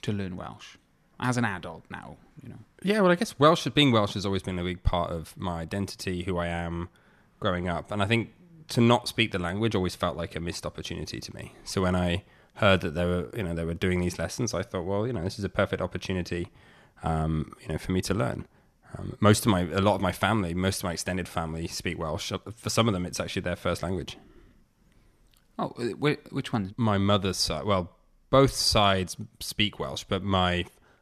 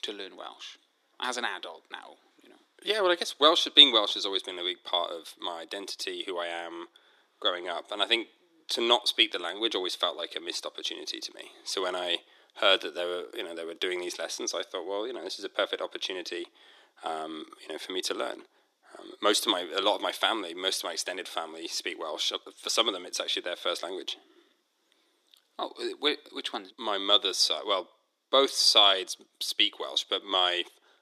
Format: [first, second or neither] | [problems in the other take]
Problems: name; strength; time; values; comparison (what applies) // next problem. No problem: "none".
first | thin; very; fading below 300 Hz